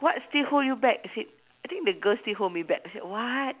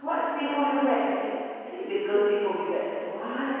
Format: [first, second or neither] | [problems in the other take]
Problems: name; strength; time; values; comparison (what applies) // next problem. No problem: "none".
first | room echo; dies away in 2.2 s